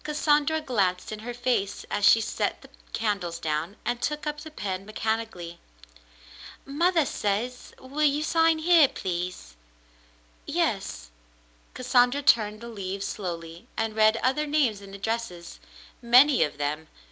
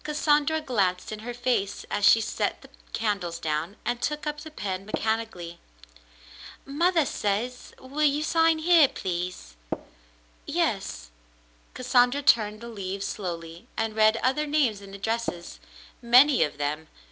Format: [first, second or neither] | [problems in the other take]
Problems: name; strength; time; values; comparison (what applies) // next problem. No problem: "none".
first | background sound (Tap); 5 dB below the speech